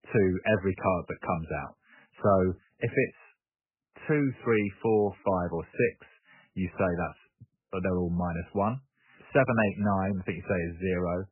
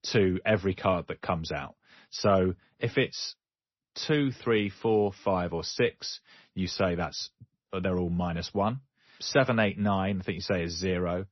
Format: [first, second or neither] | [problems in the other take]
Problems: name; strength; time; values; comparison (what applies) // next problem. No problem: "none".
second | garbled, watery; badly; nothing above 2.5 kHz; slightly in the second